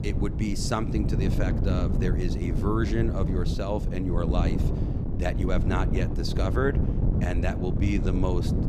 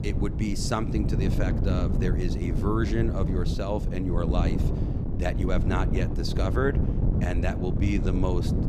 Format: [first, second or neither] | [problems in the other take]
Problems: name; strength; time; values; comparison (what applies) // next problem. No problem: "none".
neither | wind noise on the microphone; heavy; 5 dB below the speech; the same in both